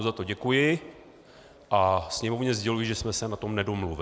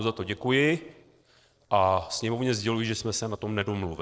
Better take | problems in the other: first | noise reduction (neural separator model SepFormer DNS4)

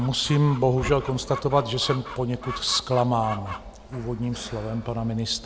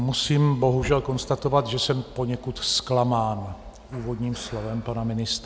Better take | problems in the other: second | background sound (Chicken, rooster); 15 dB below the speech

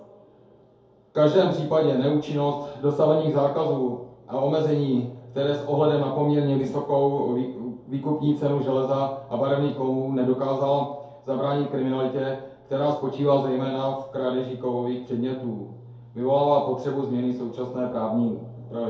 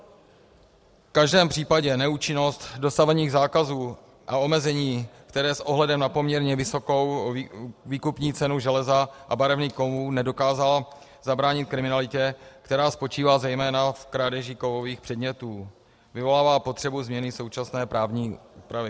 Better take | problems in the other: second | room echo; dies away in 2.2 s

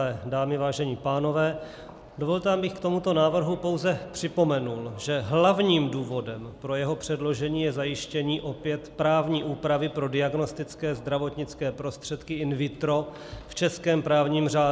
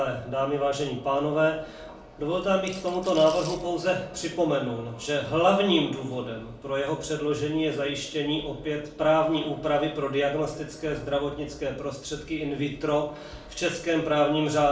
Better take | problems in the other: first | background sound (Rattle / Rattle (instrument)); 18 dB below the speech // room echo; dies away in 0.4 s

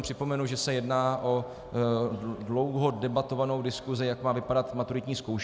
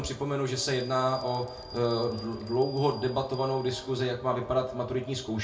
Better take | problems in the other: first | background sound (Bell); 18 dB below the speech // room echo; dies away in 0.3 s

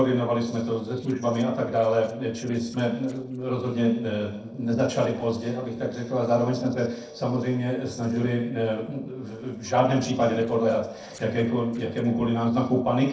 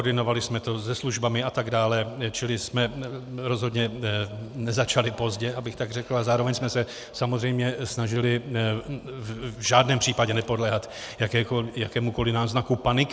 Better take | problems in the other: second | noise reduction (neural separator model SepFormer DNS4)

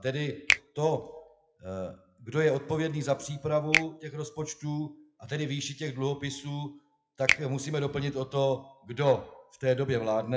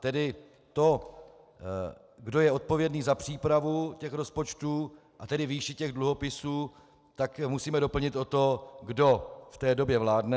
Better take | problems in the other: second | noise reduction (classical method WPE with log-MMSE)

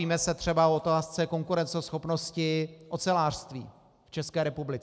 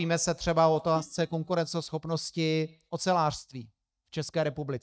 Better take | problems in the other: first | noise reduction (neural mask model DeepFilterNet 3)

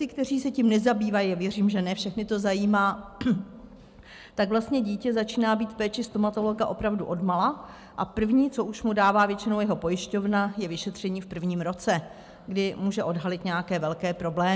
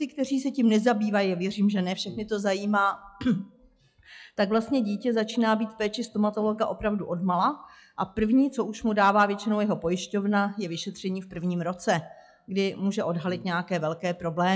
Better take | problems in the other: first | noise reduction (classical method log-MMSE)

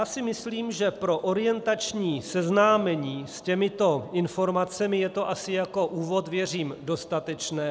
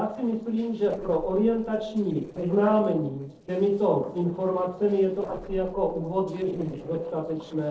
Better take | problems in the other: first | noise reduction (neural separator model SepFormer DNS4)

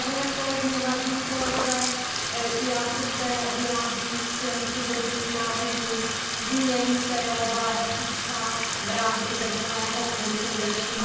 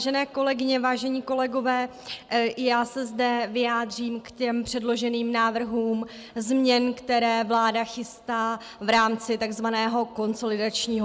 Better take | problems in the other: second | background sound (Bathtub (filling or washing)); as loud as the speech // room echo; dies away in 1.3 s

